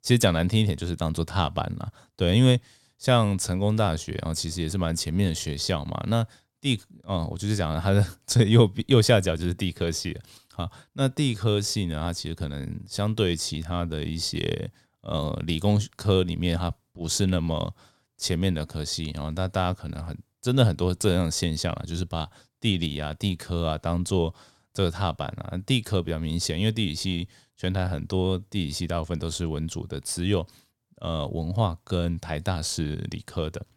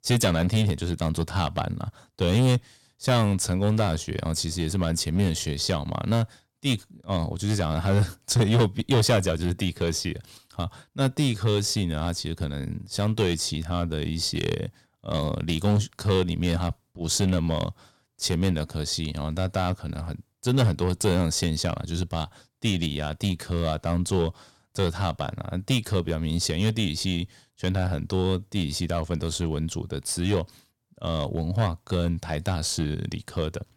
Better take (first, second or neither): first